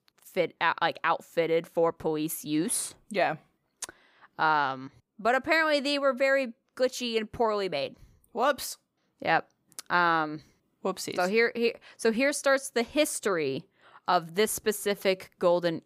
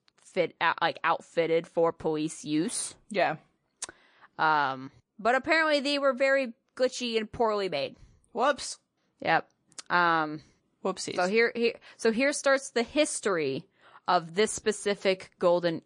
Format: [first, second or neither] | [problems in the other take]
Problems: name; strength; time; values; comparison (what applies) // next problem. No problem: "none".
first | garbled, watery; slightly; nothing above 10 kHz